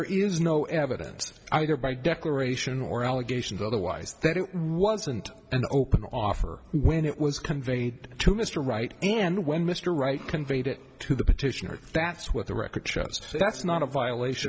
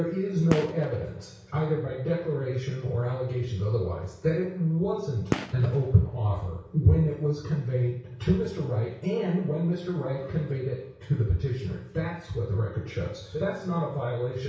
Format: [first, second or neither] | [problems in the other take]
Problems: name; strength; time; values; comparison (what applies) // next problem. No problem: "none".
first | background sound (Gunshot, gunfire); 11 dB below the speech // room echo; dies away in 0.6 s